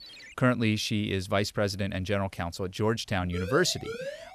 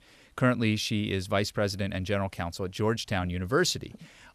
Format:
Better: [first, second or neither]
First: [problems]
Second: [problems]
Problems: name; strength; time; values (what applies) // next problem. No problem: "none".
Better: second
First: phone ringing; faint; at the start; peak 15 dB below the speech // siren; noticeable; from 3.5 s on; peak 9 dB below the speech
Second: none